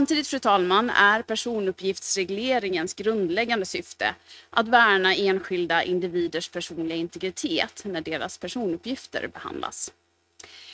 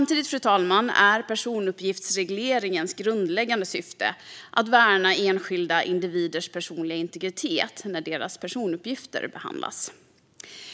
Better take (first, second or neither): second